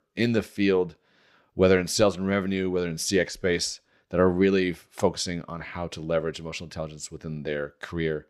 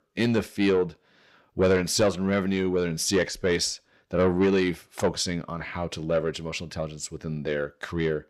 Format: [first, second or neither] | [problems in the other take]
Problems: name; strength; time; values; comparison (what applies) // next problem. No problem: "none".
first | distortion; slight; 10 dB below the speech